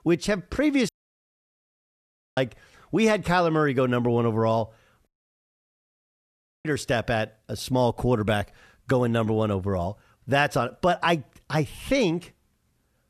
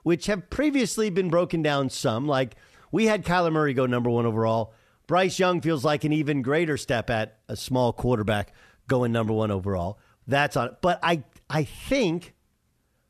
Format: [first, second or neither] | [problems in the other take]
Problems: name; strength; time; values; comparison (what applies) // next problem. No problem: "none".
second | audio cutting out; at 1 s for 1.5 s and at 5 s for 1.5 s